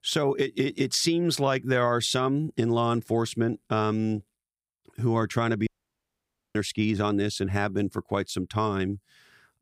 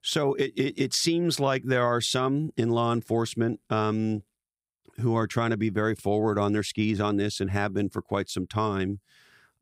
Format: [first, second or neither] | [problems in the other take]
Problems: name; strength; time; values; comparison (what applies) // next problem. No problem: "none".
second | audio cutting out; at 5.5 s for 1 s